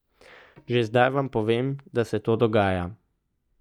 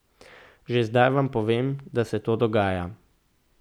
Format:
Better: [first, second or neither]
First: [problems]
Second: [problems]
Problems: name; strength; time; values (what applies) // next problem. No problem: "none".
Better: second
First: noise reduction (neural mask model DeepFilterNet 3)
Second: none